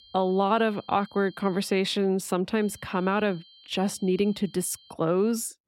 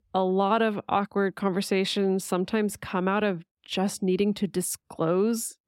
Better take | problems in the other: second | high-pitched whine; faint; until 2 s and from 2.5 to 5 s; 3 kHz, 25 dB below the speech

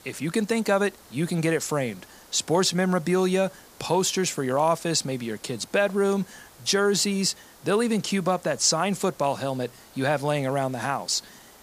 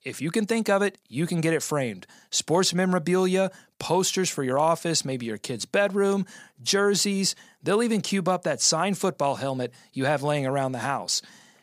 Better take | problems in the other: second | hiss; faint; throughout; 25 dB below the speech

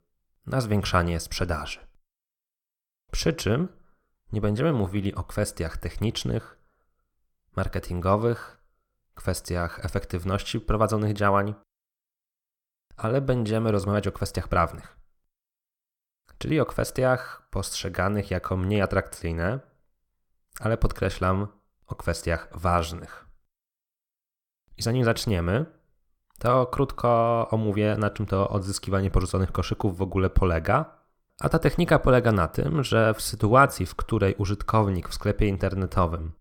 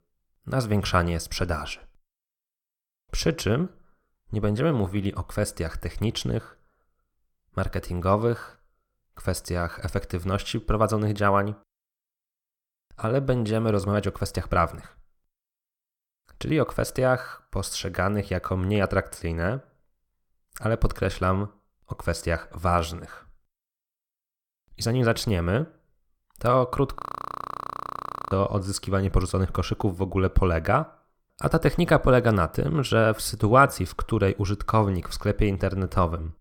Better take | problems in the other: first | audio freezing; at 27 s for 1.5 s

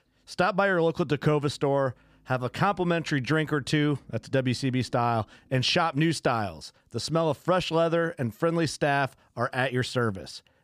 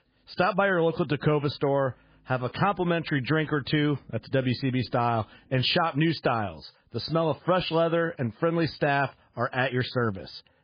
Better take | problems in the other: first | garbled, watery; badly; nothing above 4.5 kHz

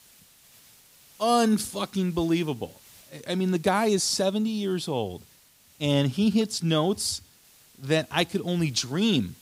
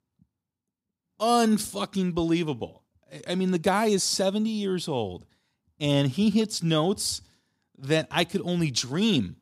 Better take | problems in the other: second | hiss; faint; throughout; 25 dB below the speech

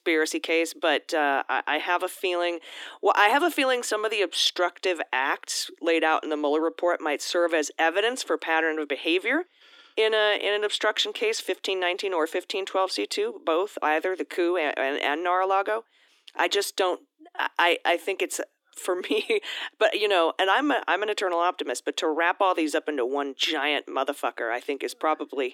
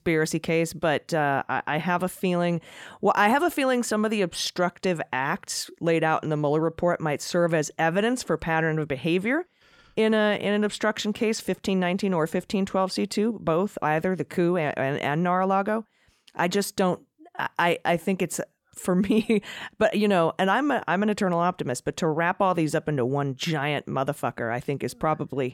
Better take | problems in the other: second | thin; somewhat; fading below 300 Hz

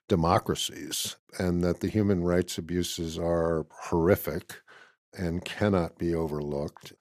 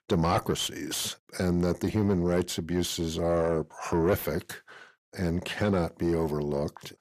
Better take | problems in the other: first | distortion; slight; 10 dB below the speech

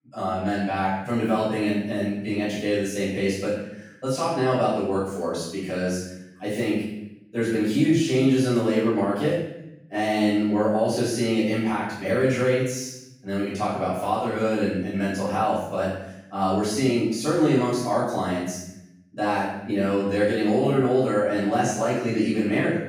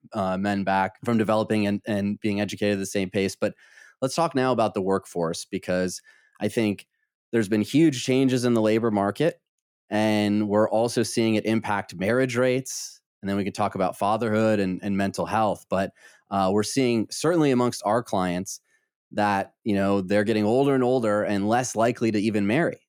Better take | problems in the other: second | off-mic speech; far // room echo; strong; dies away in 0.8 s

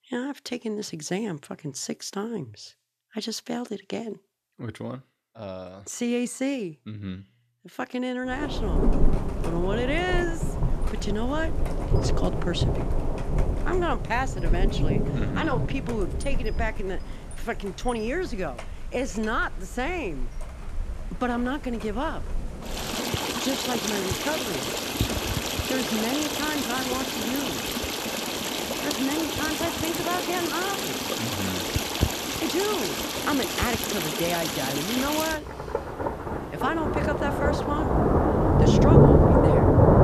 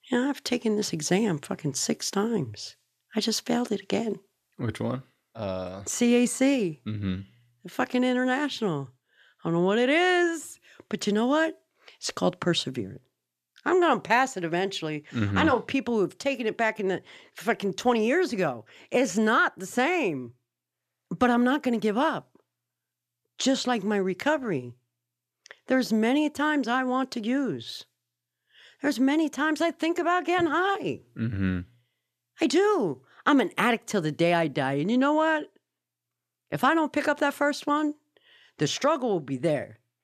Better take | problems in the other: second | rain or running water; very loud; from 8.5 s on; 5 dB above the speech

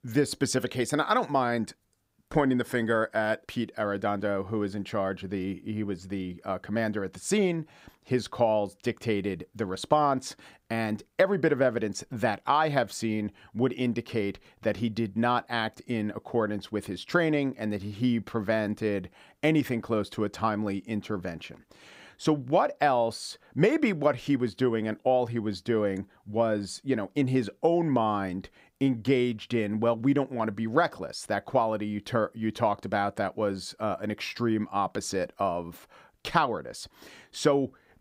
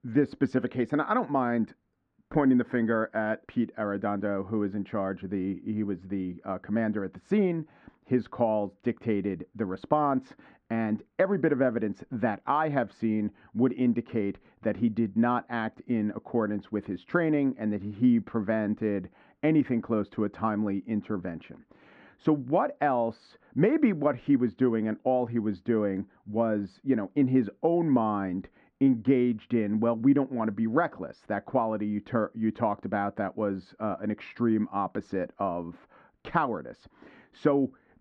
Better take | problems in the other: first | muffled; very; fading above 1.5 kHz

